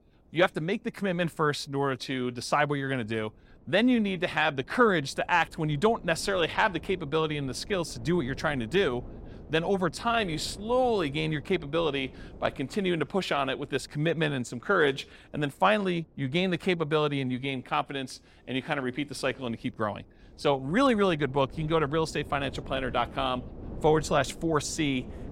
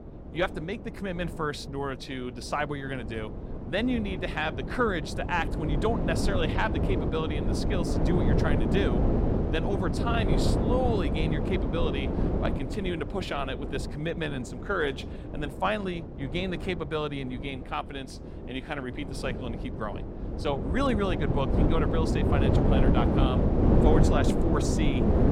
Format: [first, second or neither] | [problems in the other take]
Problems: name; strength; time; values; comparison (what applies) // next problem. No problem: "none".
first | wind noise on the microphone; heavy; 2 dB below the speech; occasional gusts in the first